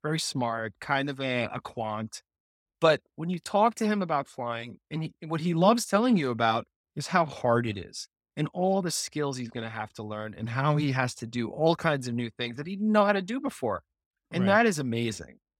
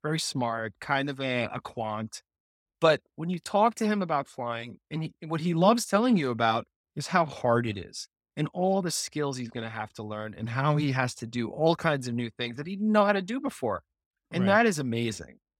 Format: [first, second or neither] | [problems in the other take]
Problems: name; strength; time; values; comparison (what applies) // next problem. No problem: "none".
neither | none